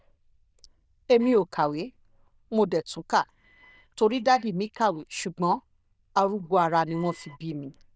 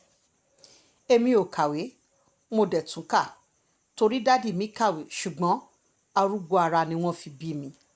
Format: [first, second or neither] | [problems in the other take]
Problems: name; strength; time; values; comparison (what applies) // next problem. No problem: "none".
second | noise reduction (neural diffusion model UNIVERSE++)